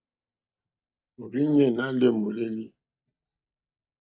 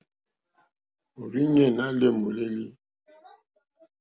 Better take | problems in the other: second | noise reduction (neural mask model DeepFilterNet 3)

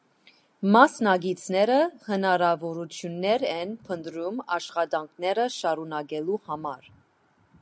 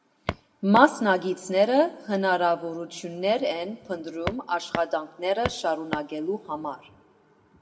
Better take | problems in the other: first | background sound (Walk, footsteps); 8 dB below the speech // room echo; dies away in 1.6 s

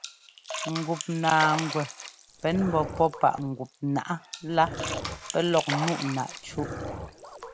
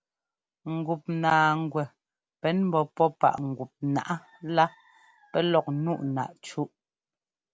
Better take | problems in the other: second | background sound (Splash, splatter + Dog); 8 dB below the speech

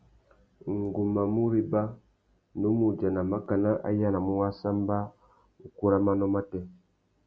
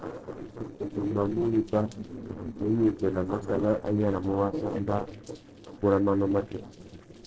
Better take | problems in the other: first | noise reduction (neural separator model SepFormer DNS4)

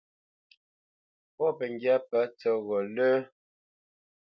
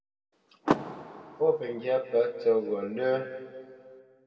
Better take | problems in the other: first | background sound (Car); 7 dB below the speech // room echo; dies away in 2 s

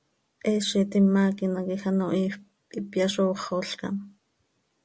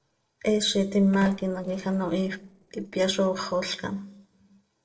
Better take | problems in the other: first | noise reduction (neural separator model SepFormer DNS4)

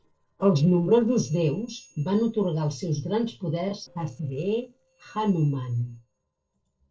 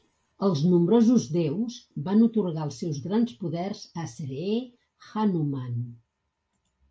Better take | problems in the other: second | noise reduction (neural separator model SepFormer DNS4)

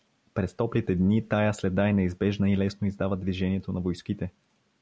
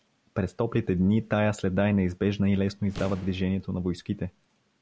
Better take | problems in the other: first | background sound (Boom); 18 dB below the speech

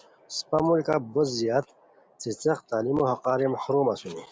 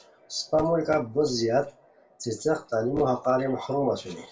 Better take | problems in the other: first | room echo; dies away in 0.2 s

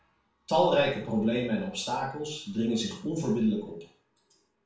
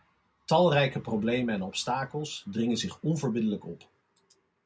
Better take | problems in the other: second | room echo; dies away in 0.4 s

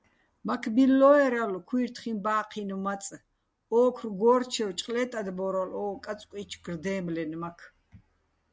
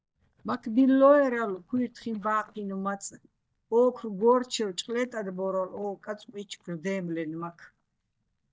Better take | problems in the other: first | noise reduction (neural mask model DeepFilterNet 3)

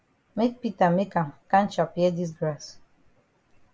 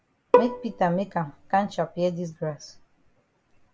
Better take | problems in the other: first | background sound (Bowed string instrument); 3 dB above the speech

